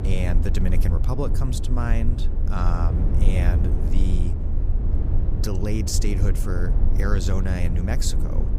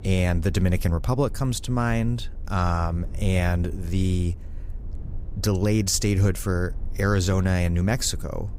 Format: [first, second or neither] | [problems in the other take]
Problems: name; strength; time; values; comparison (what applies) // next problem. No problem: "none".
second | low rumble; loud; throughout; 6 dB below the speech; faint in the second